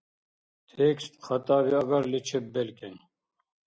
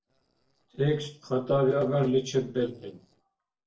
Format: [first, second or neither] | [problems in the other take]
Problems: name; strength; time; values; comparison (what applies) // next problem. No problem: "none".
first | noise reduction (neural separator model SepFormer DNS4)